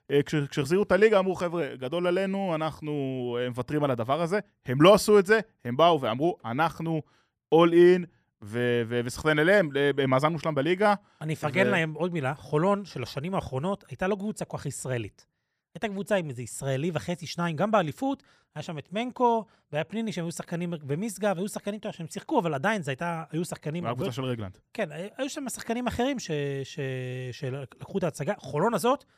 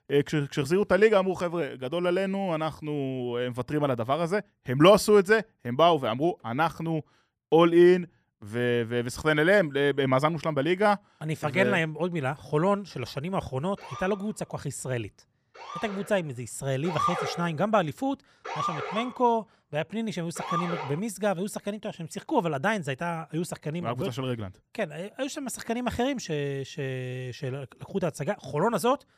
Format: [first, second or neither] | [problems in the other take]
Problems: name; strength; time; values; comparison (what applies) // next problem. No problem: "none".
first | siren; noticeable; from 14 to 21 s; peak 1 dB below the speech